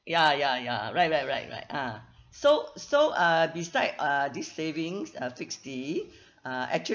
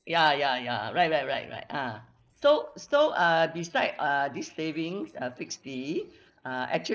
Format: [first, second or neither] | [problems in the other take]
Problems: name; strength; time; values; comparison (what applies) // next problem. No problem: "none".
first | noise reduction (neural separator model SepFormer DNS4)